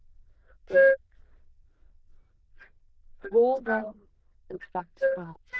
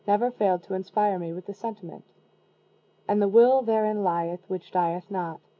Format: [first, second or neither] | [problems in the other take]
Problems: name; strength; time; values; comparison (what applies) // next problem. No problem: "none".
second | noise reduction (neural diffusion model UNIVERSE++)